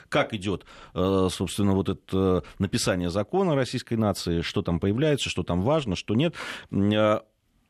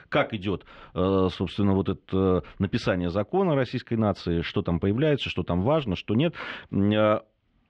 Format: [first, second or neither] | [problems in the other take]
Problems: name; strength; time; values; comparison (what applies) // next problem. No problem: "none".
first | muffled; slightly; fading above 3.5 kHz